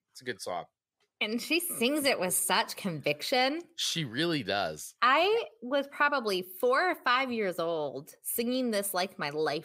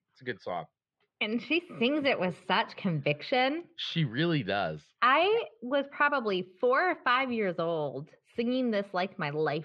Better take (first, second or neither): first